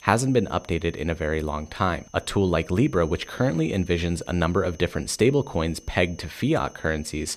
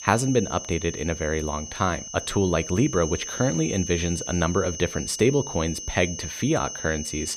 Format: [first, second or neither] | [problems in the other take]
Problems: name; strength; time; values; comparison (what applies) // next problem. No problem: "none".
first | high-pitched whine; loud; throughout; 6 kHz, 8 dB below the speech; faint in the first